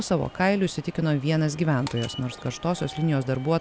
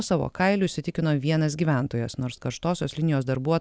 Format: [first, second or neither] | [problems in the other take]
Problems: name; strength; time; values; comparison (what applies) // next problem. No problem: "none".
second | background sound (Walk, footsteps / Subway, metro, underground); 18 dB below the speech